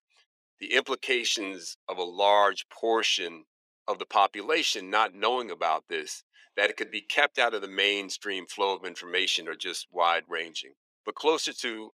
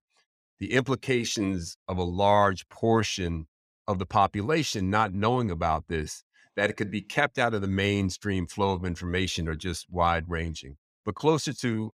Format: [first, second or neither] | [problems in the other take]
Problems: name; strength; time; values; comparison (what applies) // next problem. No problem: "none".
second | thin; very; fading below 350 Hz